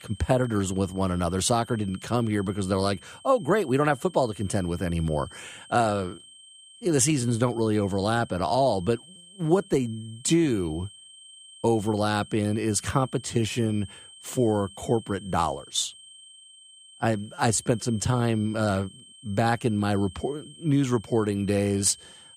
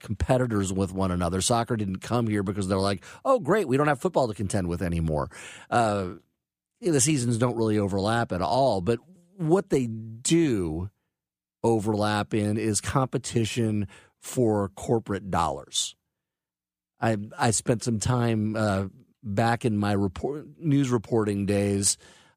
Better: second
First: high-pitched whine; faint; throughout; 3 kHz, 20 dB below the speech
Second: none

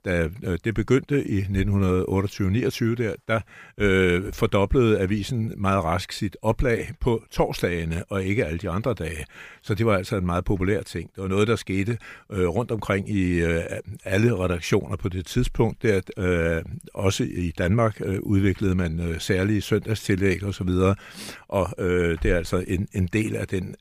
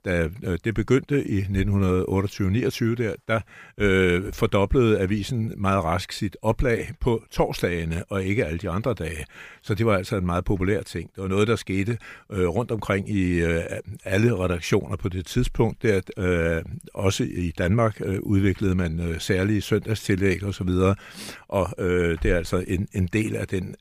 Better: neither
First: none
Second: none

